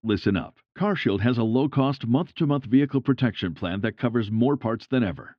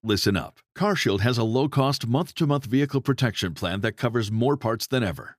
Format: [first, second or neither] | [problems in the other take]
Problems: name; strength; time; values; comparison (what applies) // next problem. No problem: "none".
second | muffled; slightly; fading above 3 kHz